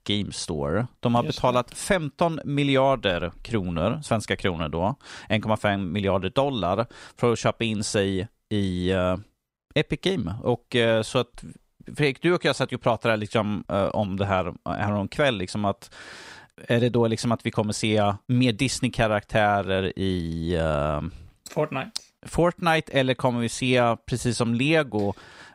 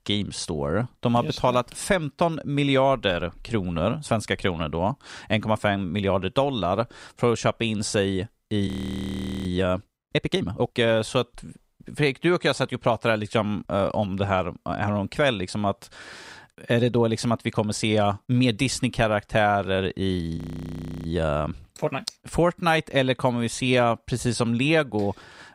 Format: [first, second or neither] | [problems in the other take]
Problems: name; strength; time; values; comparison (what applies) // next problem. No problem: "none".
first | audio freezing; at 8.5 s for 1 s and at 20 s for 0.5 s